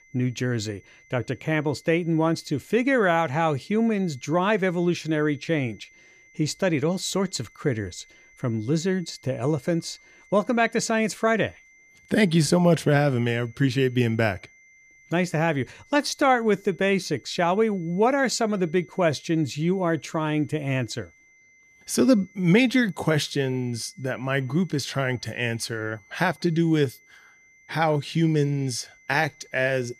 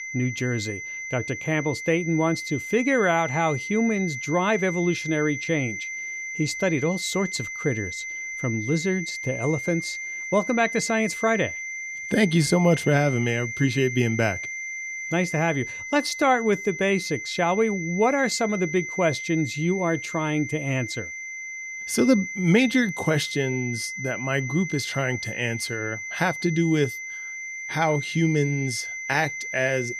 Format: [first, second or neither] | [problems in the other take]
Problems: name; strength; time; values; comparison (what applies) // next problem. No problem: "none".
first | high-pitched whine; loud; throughout; 2 kHz, 7 dB below the speech; faint in the first